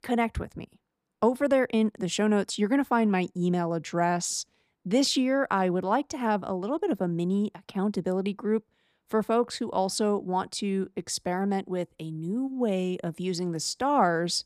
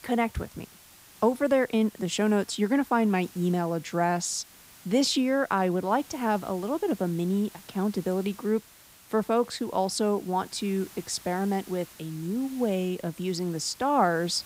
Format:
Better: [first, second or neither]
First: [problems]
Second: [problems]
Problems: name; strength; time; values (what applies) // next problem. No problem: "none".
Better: first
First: none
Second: hiss; faint; throughout; 20 dB below the speech